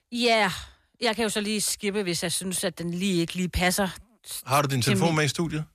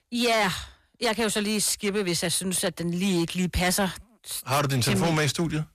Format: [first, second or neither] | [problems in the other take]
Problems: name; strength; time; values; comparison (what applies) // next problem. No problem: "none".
first | distortion; slight; 11% of the sound clipped